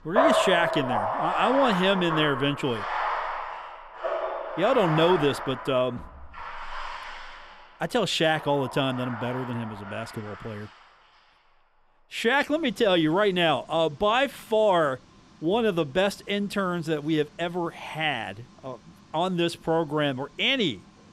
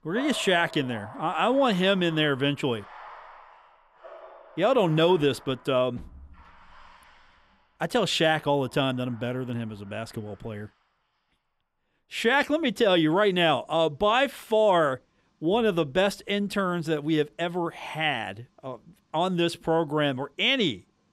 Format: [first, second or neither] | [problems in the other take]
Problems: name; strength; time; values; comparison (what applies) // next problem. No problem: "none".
second | household noises; loud; throughout; 5 dB below the speech; faint in the second